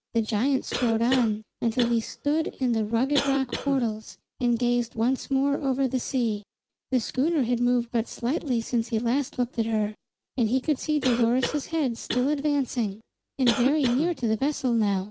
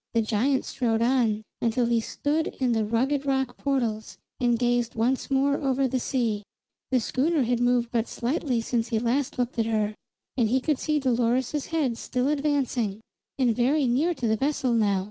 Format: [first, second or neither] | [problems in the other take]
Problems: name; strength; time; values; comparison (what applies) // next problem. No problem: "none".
second | background sound (Cough); 9 dB below the speech